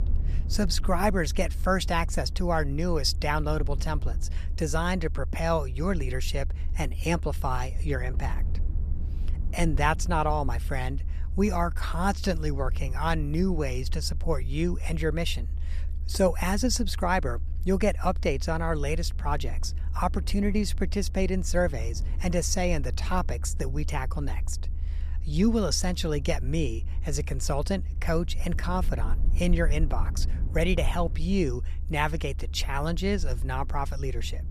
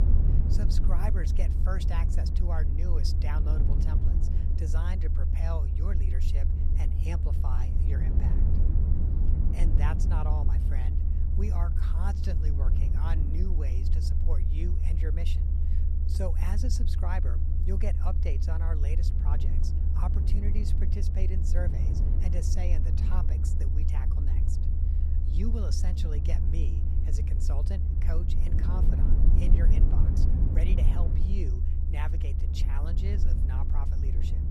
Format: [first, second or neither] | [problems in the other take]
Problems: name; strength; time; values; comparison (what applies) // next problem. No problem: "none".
first | low rumble; loud; throughout; 1 dB below the speech; faint in the first